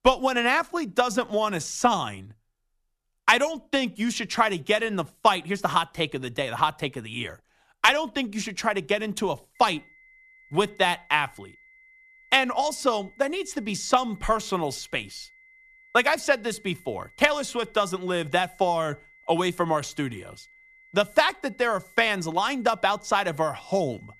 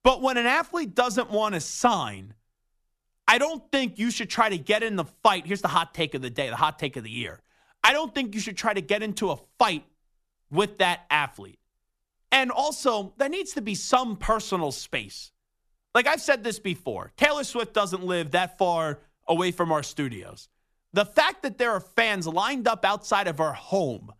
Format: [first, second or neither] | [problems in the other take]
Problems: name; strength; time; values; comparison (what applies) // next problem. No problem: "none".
second | high-pitched whine; faint; from 9.5 s on; 2 kHz, 30 dB below the speech